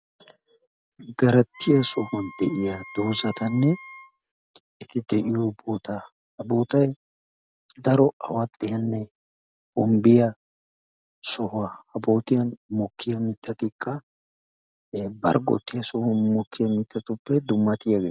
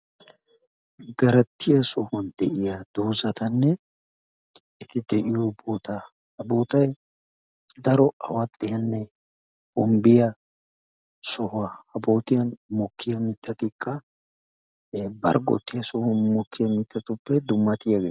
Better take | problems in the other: second | background sound (Wind instrument, woodwind instrument); 18 dB below the speech

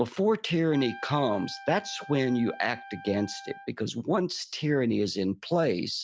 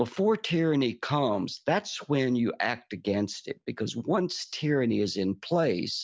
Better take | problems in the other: second | background sound (Trumpet); 17 dB below the speech

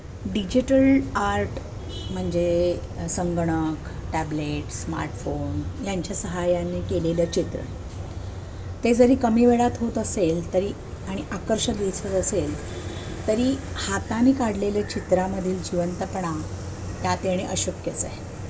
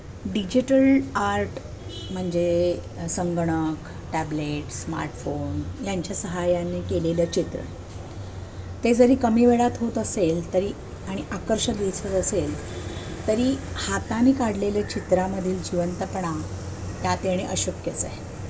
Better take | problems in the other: second | background sound (Aircraft); 15 dB below the speech

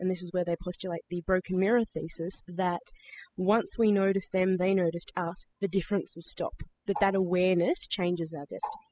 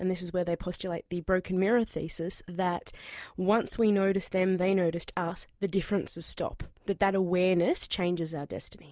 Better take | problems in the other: second | noise reduction (classical method spectral subtraction)

